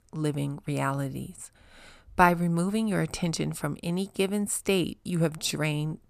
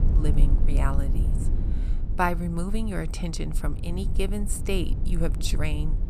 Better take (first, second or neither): first